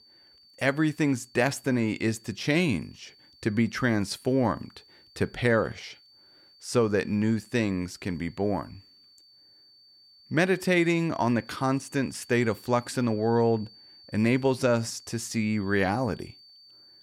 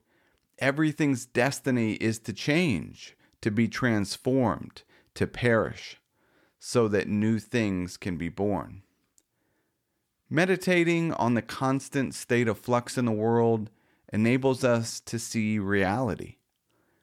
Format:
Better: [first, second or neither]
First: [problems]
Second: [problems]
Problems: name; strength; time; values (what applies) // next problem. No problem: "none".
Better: second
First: high-pitched whine; faint; throughout; 4.5 kHz, 25 dB below the speech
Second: none